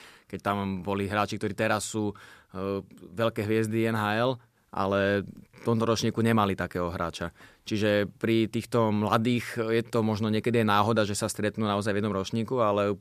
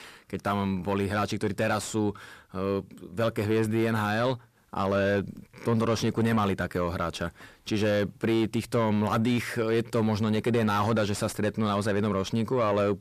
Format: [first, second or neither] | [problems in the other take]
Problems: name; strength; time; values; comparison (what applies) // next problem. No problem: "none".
first | distortion; slight; 10 dB below the speech